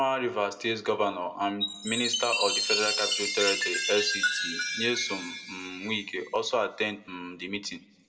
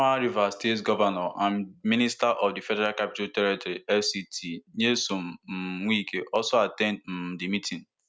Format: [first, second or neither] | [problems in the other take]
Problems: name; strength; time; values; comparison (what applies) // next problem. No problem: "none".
second | background sound (Chime); 2 dB below the speech // room echo; dies away in 0.9 s